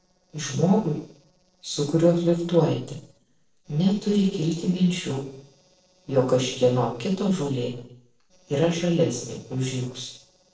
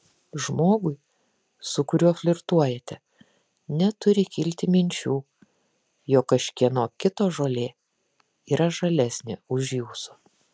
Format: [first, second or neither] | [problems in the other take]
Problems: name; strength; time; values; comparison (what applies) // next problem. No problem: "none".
second | noise reduction (neural separator model SepFormer DNS4)